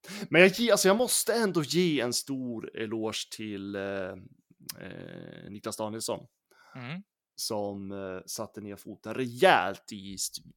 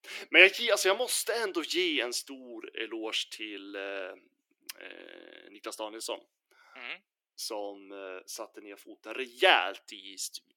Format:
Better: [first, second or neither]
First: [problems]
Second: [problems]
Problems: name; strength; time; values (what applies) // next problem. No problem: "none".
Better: first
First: none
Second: thin; somewhat; fading below 300 Hz